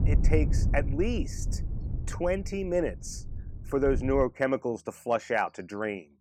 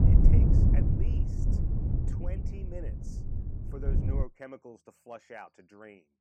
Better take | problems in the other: first | wind noise on the microphone; heavy; until 4 s; 5 dB above the speech; occasional gusts in the first

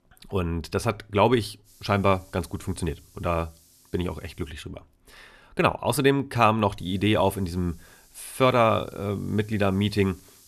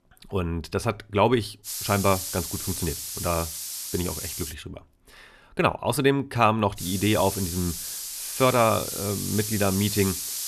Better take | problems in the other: first | hiss; loud; from 1.5 to 4.5 s and from 7 s on; 5 dB below the speech; faint in the first

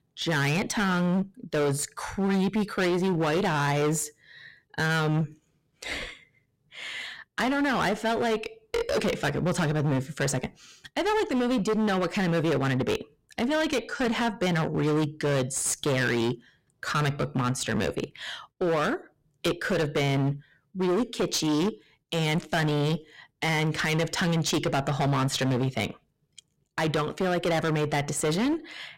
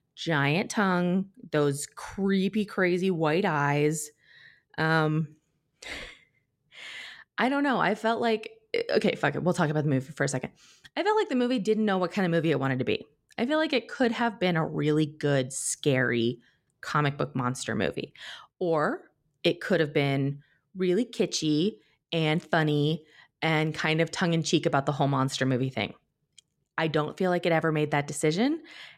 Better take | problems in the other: second | distortion; heavy; 21% of the sound clipped

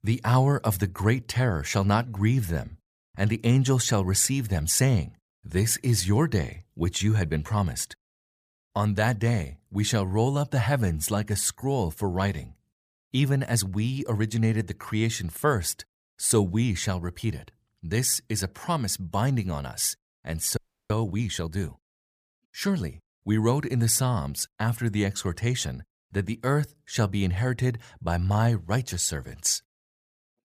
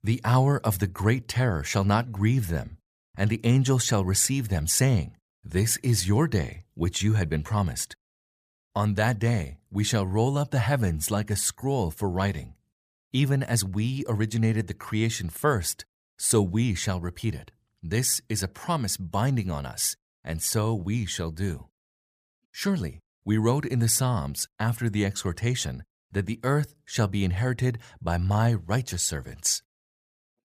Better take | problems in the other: second | audio freezing; at 21 s

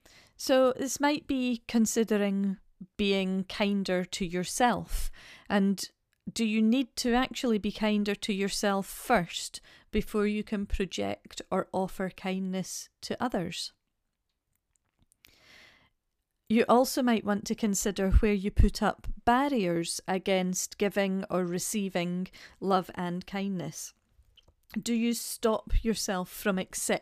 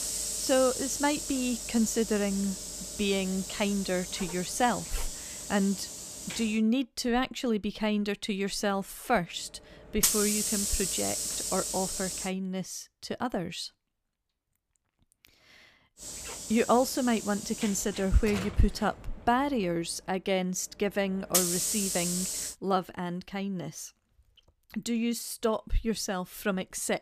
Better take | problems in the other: first | hiss; loud; until 6.5 s, from 8.5 to 12 s and from 16 to 23 s; 2 dB below the speech

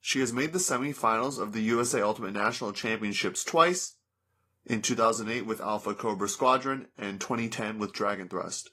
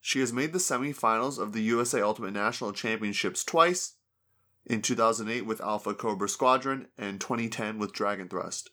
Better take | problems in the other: second | garbled, watery; slightly

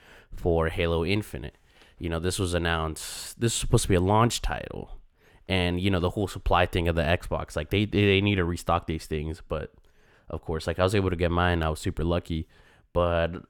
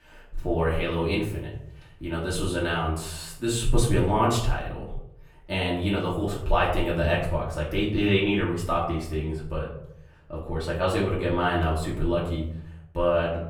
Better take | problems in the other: first | room echo; slight; dies away in 0.7 s // off-mic speech; far

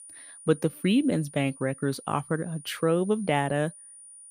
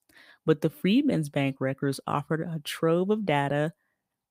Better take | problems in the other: second | high-pitched whine; noticeable; throughout; 9.5 kHz, 20 dB below the speech

